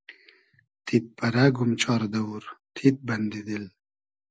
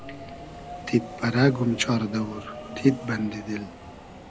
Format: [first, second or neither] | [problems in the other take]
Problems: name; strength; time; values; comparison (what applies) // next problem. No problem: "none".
first | background sound (Subway, metro, underground); 13 dB below the speech